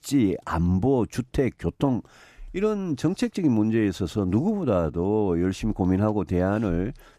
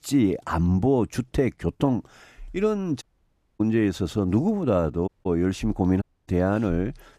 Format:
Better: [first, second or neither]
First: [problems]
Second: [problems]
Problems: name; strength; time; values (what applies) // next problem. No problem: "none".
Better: first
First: none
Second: audio cutting out; at 3 s for 0.5 s, at 5 s and at 6 s